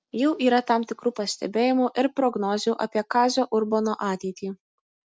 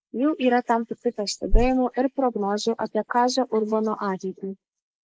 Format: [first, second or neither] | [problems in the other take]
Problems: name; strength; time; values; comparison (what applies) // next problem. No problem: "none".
first | noise reduction (neural mask model Resemble Enhance denoiser)